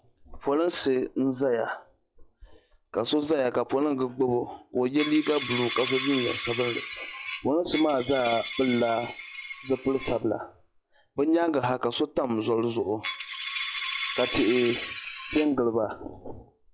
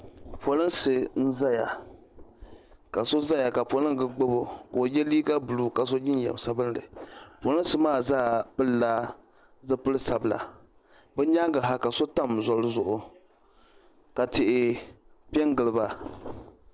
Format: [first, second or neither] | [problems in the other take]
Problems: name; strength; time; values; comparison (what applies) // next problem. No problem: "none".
second | noise reduction (classical method log-MMSE)